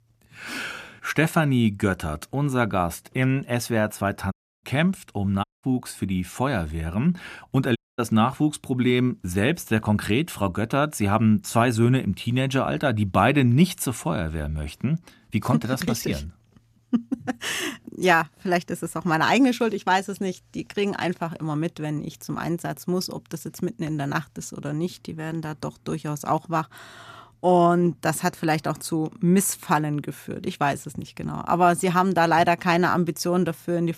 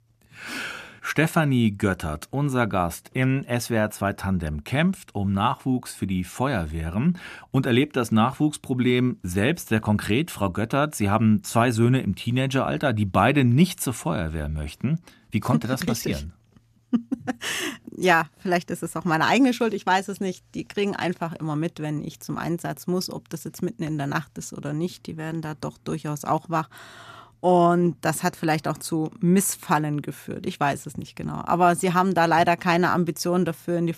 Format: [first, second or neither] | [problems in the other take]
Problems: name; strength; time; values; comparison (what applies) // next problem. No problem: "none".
second | audio cutting out; at 4.5 s, at 5.5 s and at 8 s